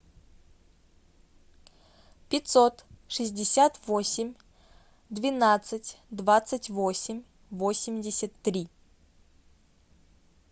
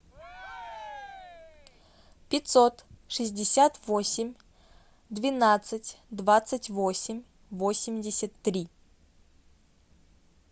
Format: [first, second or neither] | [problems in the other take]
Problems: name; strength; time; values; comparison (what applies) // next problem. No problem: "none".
first | background sound (Cheering); 16 dB below the speech